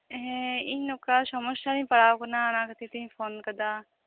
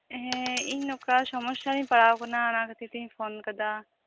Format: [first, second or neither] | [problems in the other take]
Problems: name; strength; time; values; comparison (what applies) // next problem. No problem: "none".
first | background sound (Coin (dropping)); 15 dB below the speech